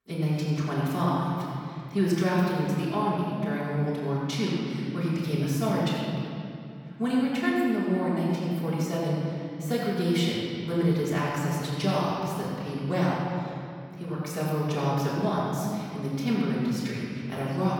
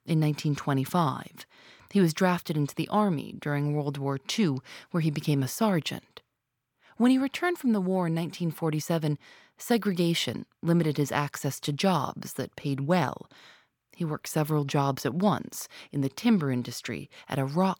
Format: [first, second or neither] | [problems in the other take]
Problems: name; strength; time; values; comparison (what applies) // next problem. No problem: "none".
second | off-mic speech; far // room echo; strong; dies away in 2.5 s